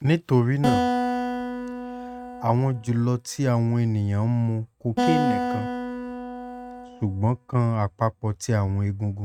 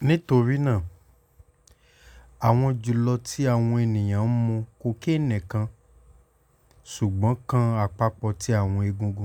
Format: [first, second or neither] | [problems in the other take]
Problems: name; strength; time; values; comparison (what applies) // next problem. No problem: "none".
second | noise reduction (neural mask model RNNoise)